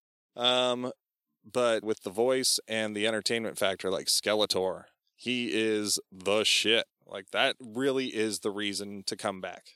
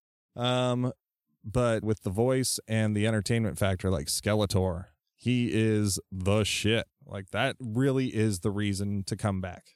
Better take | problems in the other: second | thin; somewhat; fading below 400 Hz

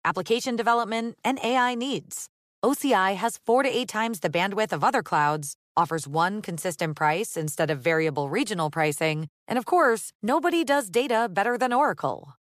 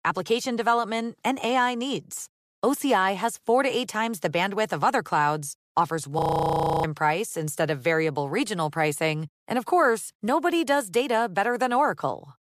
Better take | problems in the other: first | audio freezing; at 6 s for 0.5 s

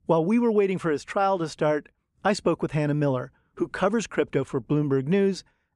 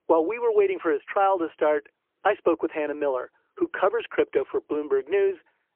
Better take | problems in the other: first | phone-call audio; poor line

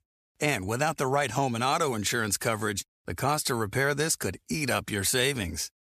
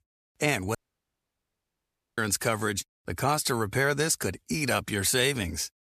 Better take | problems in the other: first | audio cutting out; at 1 s for 1.5 s

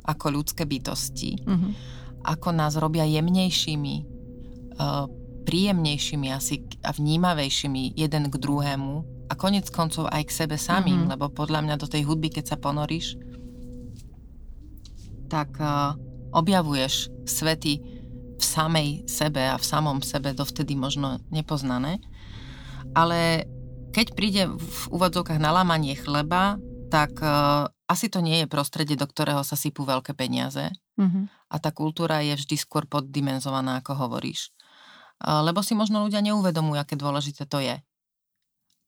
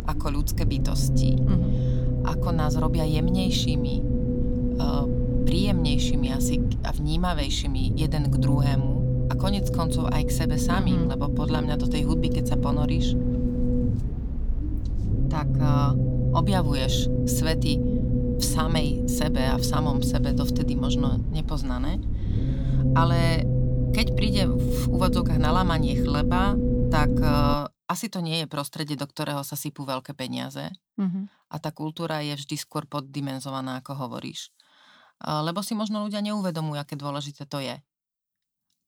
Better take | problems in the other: first | low rumble; loud; until 28 s; 2 dB below the speech; faint in the first

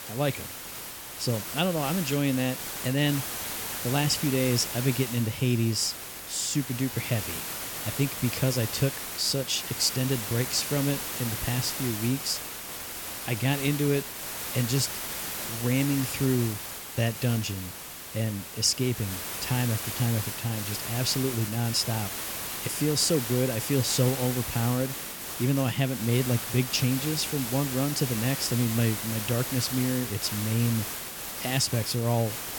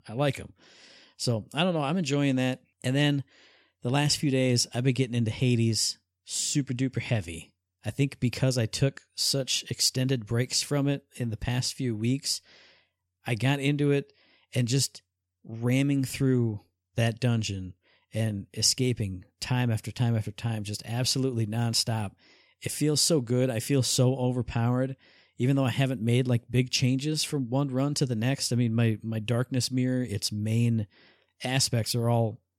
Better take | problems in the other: second | hiss; loud; throughout; 5 dB below the speech

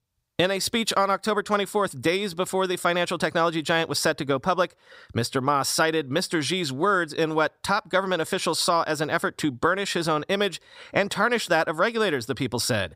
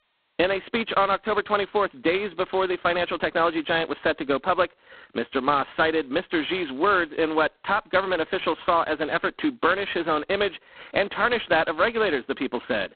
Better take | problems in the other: first | phone-call audio; poor line; nothing above 4 kHz

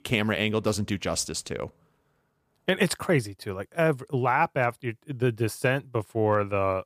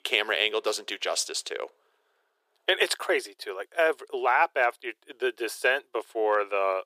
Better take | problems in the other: first | thin; very; fading below 400 Hz

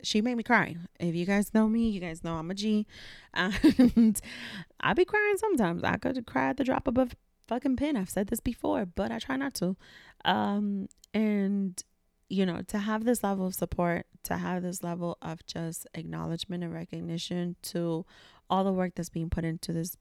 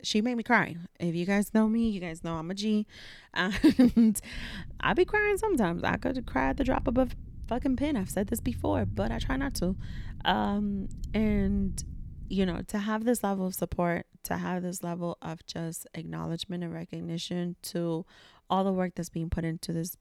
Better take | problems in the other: first | low rumble; faint; from 4.5 to 13 s; 25 dB below the speech

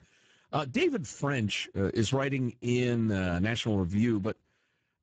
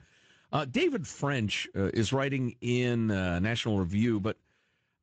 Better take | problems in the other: second | garbled, watery; badly; nothing above 7.5 kHz; slightly in the second

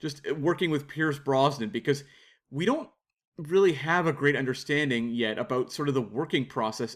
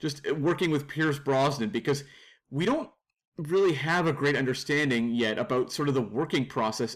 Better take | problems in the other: first | distortion; slight; 10 dB below the speech

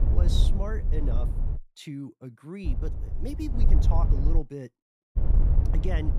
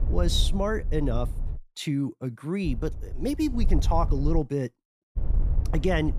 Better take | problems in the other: second | wind noise on the microphone; heavy; until 1.5 s, from 2.5 to 4.5 s and from 5 s on; 4 dB below the speech; occasional gusts in the second

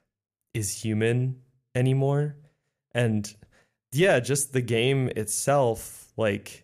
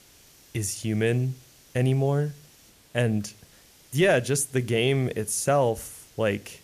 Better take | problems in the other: first | hiss; faint; throughout; 25 dB below the speech

